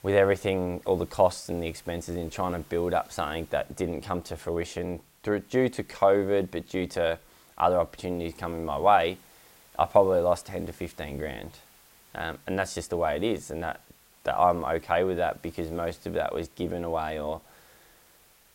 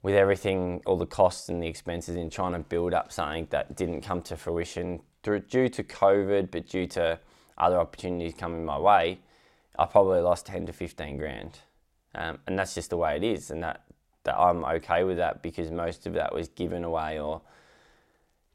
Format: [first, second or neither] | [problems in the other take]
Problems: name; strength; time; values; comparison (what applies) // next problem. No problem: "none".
second | hiss; faint; throughout; 25 dB below the speech